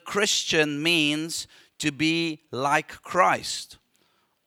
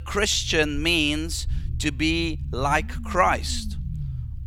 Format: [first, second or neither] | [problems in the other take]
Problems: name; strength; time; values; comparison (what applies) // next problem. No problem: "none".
first | low rumble; faint; throughout; 25 dB below the speech